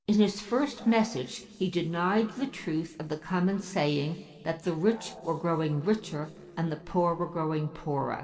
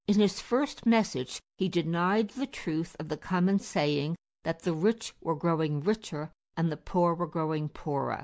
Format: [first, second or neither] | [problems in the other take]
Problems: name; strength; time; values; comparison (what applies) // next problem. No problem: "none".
second | noise reduction (neural separator model SepFormer DNS4)